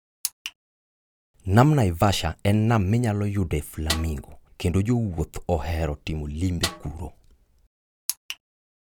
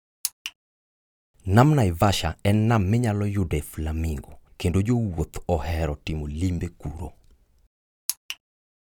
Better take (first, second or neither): second